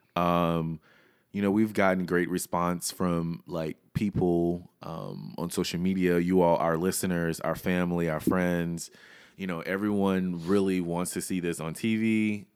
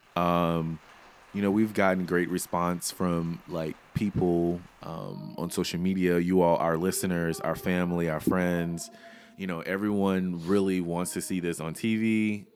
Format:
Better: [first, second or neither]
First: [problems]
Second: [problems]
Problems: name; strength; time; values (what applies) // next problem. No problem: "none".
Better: first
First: none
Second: rain or running water; faint; throughout; 25 dB below the speech